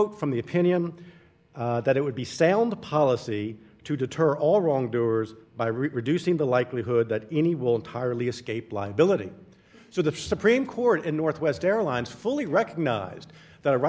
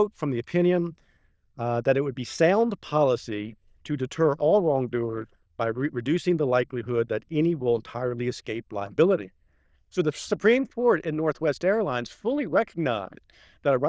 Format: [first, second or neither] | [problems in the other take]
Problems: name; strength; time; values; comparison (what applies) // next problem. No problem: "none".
first | noise reduction (neural diffusion model UNIVERSE++)